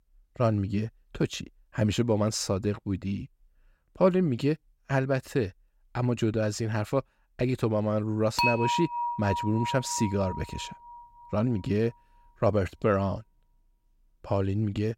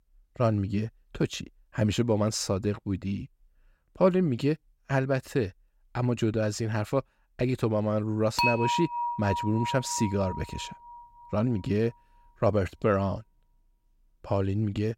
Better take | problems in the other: neither | clattering dishes; loud; from 8.5 to 11 s; peak 3 dB above the speech; the same in both

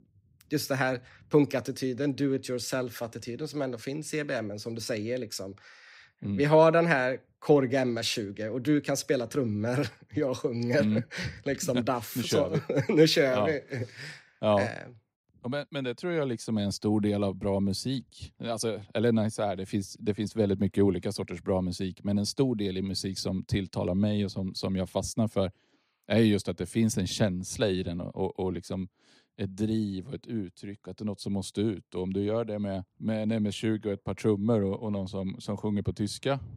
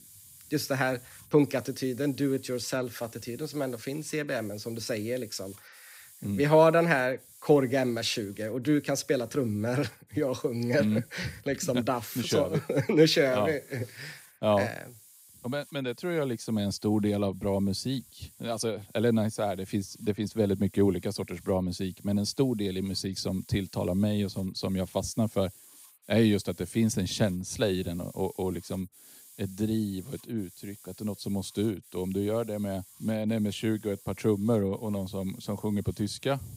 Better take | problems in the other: first | hiss; faint; throughout; 20 dB below the speech

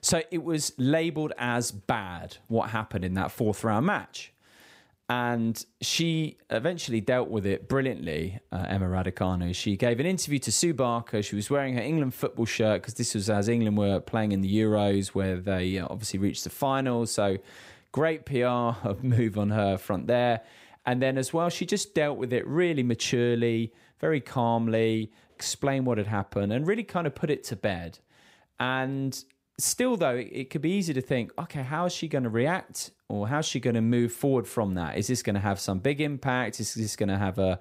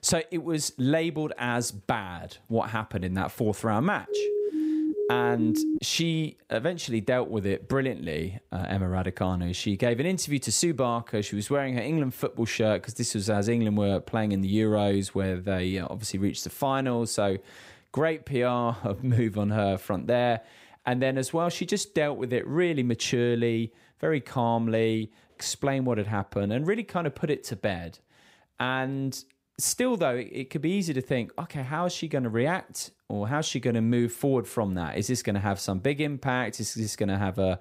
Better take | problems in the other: first | siren; loud; from 4 to 6 s; peak 1 dB above the speech

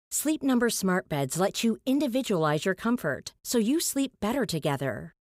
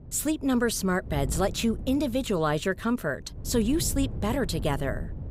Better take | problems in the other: first | wind noise on the microphone; occasional gusts; 20 dB below the speech

